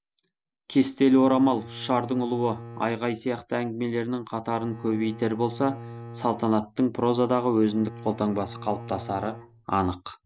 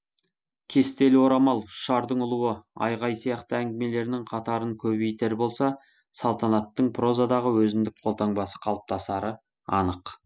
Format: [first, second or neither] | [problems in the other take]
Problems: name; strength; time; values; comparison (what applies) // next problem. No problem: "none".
second | background sound (Bowed string instrument); 16 dB below the speech